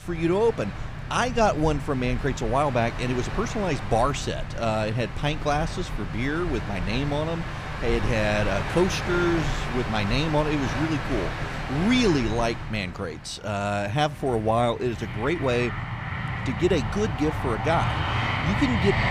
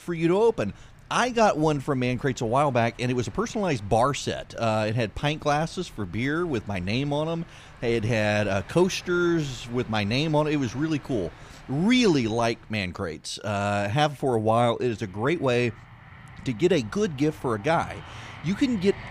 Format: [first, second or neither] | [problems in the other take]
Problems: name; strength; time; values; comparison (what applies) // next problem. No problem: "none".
second | train or aircraft noise; loud; throughout; 5 dB below the speech; faint in the second